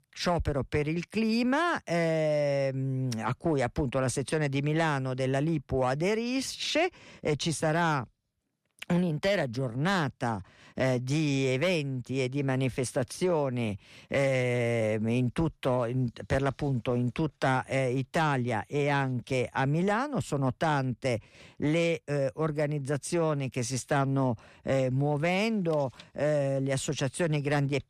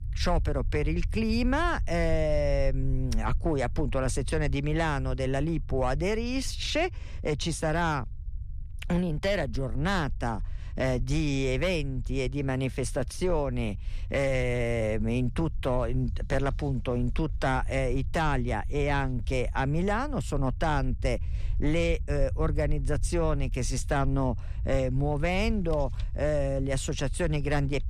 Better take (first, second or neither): first